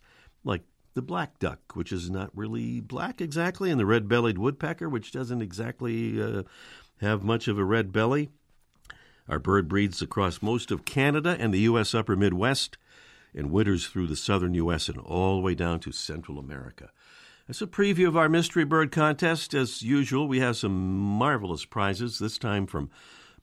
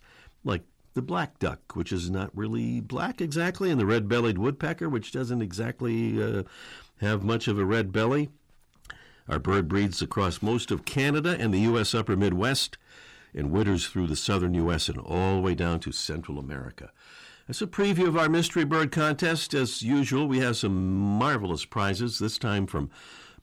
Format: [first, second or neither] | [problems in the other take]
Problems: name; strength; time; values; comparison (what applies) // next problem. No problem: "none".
first | distortion; slight; 10 dB below the speech